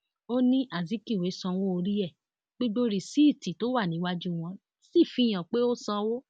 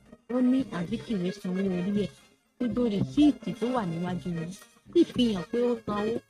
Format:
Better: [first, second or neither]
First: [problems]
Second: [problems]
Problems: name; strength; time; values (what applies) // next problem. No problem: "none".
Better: first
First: none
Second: noise reduction (neural mask model RNNoise)